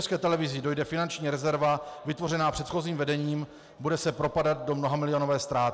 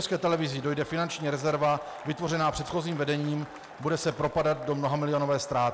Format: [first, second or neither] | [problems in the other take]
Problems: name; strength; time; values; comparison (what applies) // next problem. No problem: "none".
first | background sound (Applause / Cheering); 18 dB below the speech